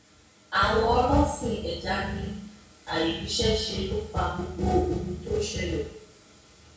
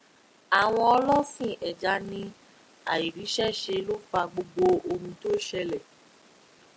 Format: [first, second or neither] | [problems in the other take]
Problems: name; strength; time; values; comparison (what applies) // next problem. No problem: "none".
second | room echo; dies away in 0.6 s